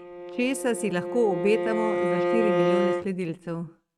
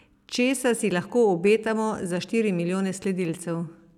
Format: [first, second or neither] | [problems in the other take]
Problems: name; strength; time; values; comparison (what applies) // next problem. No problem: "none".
second | noise reduction (neural mask model RNNoise)